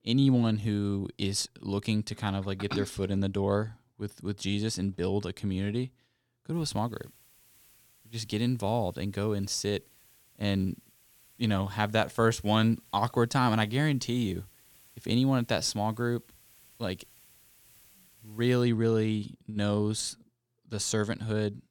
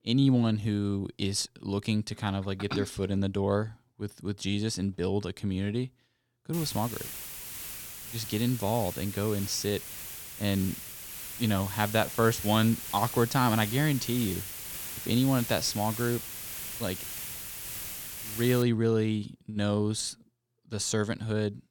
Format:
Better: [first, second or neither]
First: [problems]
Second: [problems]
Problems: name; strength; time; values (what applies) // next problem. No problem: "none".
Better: first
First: hiss; faint; from 6.5 to 19 s; 25 dB below the speech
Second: hiss; loud; from 6.5 to 19 s; 7 dB below the speech